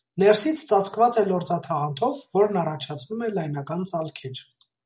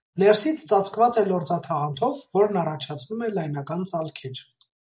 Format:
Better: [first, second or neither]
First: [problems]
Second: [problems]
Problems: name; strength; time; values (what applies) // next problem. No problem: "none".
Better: first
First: none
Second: noise reduction (neural mask model Resemble Enhance denoiser)